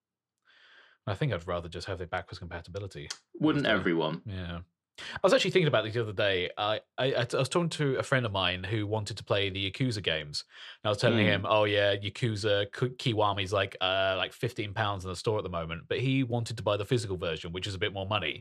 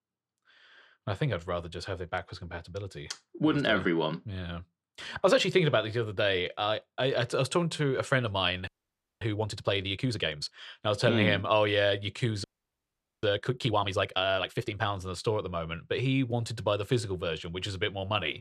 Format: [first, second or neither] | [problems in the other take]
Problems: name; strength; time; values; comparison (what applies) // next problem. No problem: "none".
first | audio freezing; at 8.5 s for 0.5 s and at 12 s for 1 s